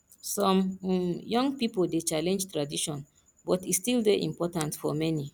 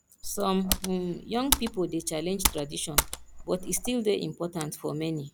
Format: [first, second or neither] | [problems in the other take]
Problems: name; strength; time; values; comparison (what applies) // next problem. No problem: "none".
first | background sound (Computer keyboard); 2 dB below the speech